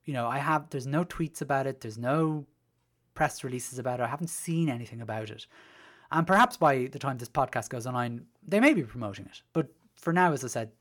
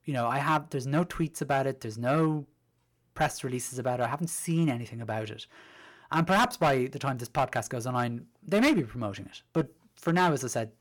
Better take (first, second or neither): first